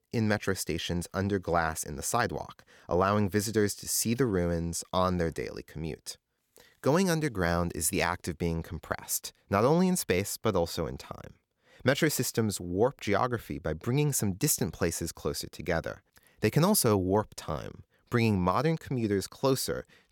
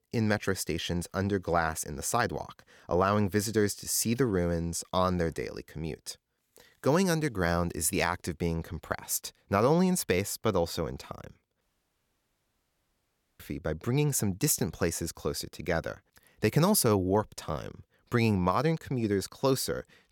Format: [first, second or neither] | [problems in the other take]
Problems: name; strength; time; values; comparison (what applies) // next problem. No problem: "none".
first | audio cutting out; at 12 s for 2 s